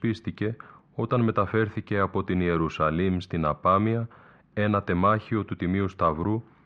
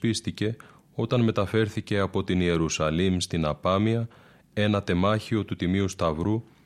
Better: second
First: muffled; very; fading above 2 kHz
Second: none

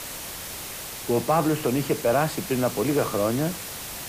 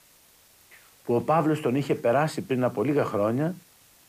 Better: second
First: hiss; loud; throughout; 9 dB below the speech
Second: hiss; faint; throughout; 30 dB below the speech

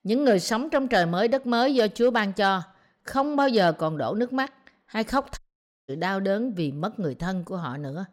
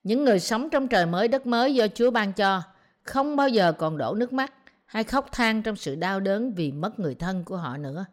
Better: second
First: audio cutting out; at 5.5 s for 0.5 s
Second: none

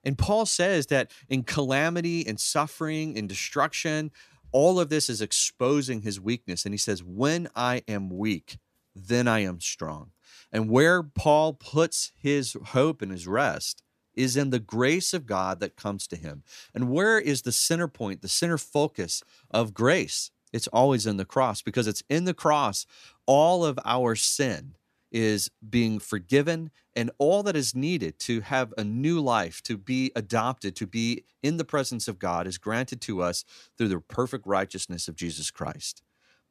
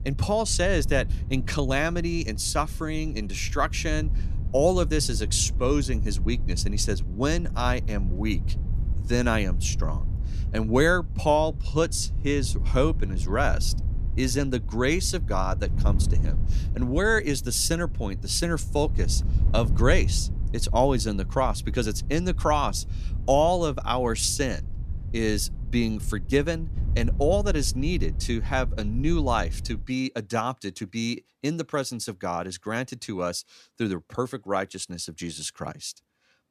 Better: first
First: none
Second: wind noise on the microphone; occasional gusts; until 30 s; 20 dB below the speech

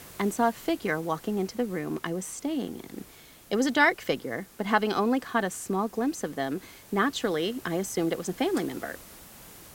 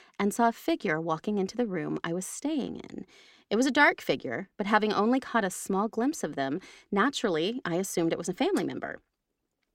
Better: second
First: hiss; faint; throughout; 20 dB below the speech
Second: none

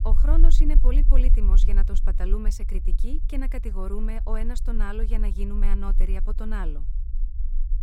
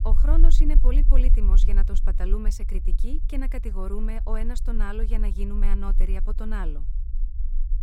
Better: neither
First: low rumble; noticeable; throughout; 10 dB below the speech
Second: low rumble; noticeable; throughout; 10 dB below the speech

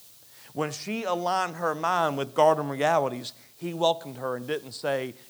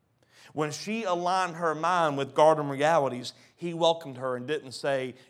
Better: second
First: hiss; faint; throughout; 25 dB below the speech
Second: none

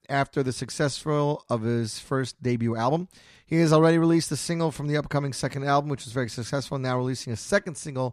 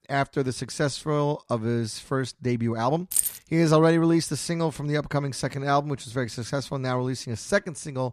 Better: first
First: none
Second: jangling keys; loud; at 3 s; peak 2 dB above the speech

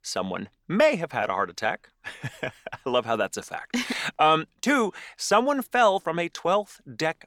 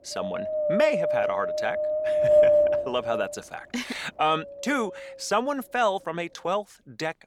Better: first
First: none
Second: wind noise on the microphone; heavy; 5 dB above the speech

